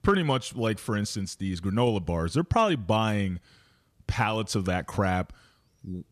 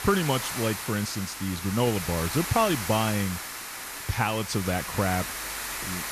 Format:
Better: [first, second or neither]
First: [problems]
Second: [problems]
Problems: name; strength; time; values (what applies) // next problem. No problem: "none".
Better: first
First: none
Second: hiss; loud; throughout; 5 dB below the speech